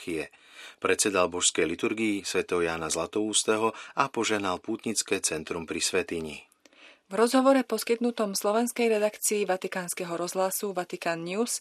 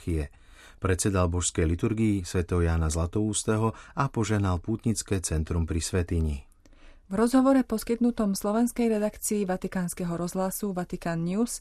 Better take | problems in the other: second | thin; somewhat; fading below 400 Hz

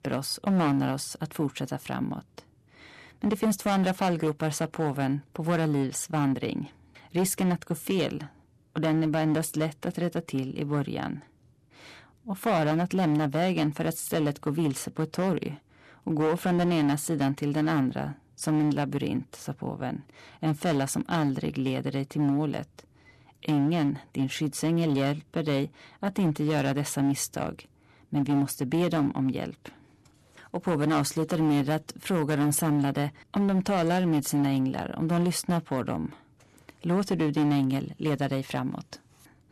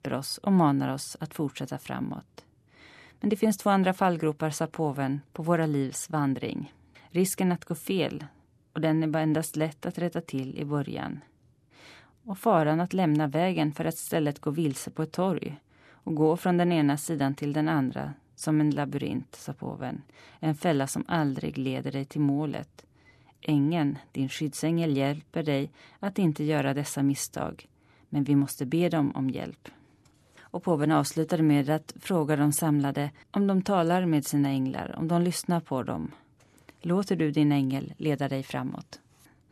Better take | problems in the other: second | distortion; slight; 9% of the sound clipped

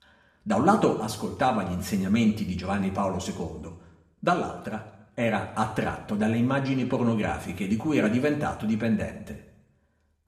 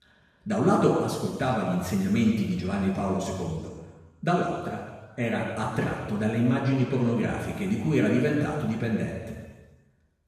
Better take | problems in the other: first | room echo; strong; dies away in 1.3 s; slight in the first // off-mic speech; far; somewhat distant in the first

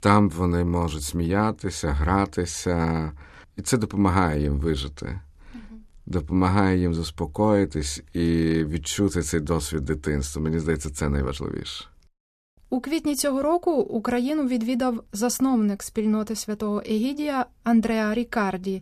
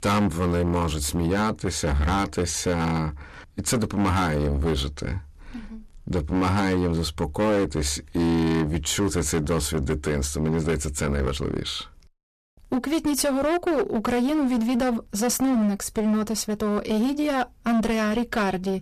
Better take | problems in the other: first | distortion; heavy; 19% of the sound clipped

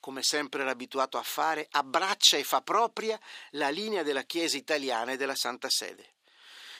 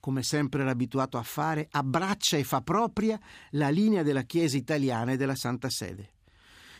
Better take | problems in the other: second | thin; very; fading below 450 Hz

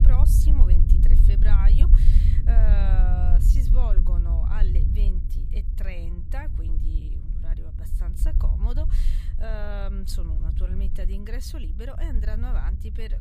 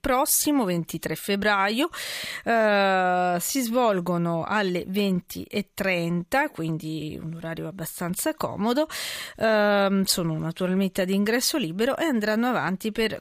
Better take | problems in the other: second | low rumble; loud; throughout; 3 dB below the speech

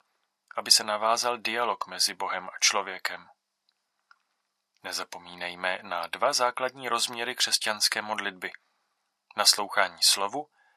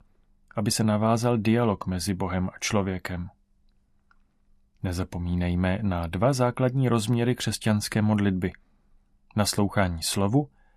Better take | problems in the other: second | thin; very; fading below 950 Hz

